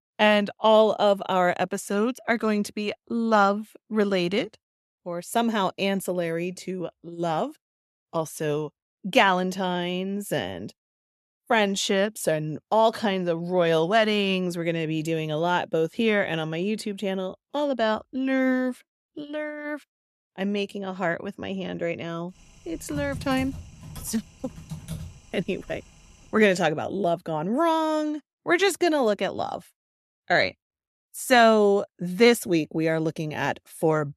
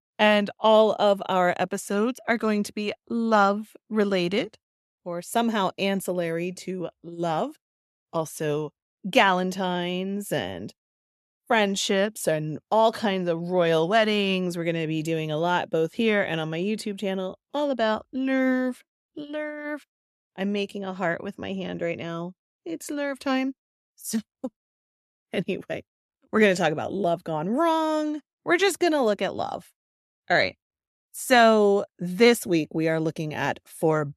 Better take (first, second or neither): second